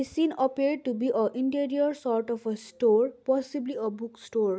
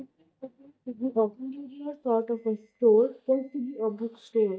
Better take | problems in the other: first | noise reduction (neural mask model DeepFilterNet 3)

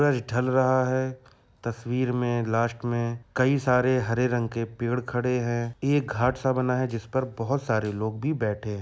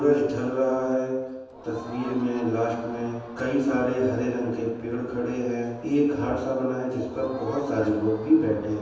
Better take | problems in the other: first | background sound (Crowd); 20 dB below the speech // room echo; dies away in 1.1 s

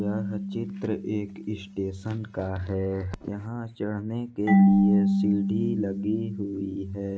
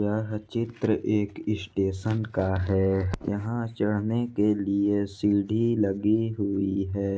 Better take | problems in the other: second | background sound (Marimba, xylophone / Wood); 3 dB above the speech

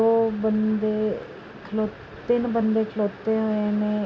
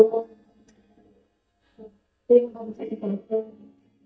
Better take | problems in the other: first | noise reduction (neural mask model DeepFilterNet 3)

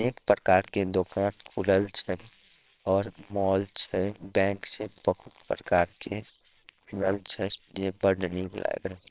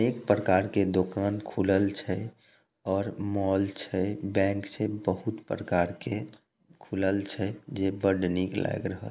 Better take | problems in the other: second | noise reduction (neural separator model SepFormer WHAMR!)

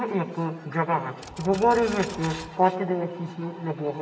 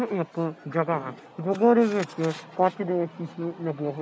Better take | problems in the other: second | background sound (Typewriter); 18 dB below the speech // room echo; dies away in 0.9 s

